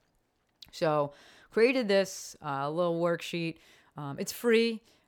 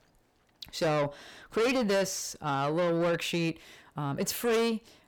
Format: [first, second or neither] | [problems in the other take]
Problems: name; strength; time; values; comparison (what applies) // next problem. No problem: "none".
first | distortion; heavy; 6 dB below the speech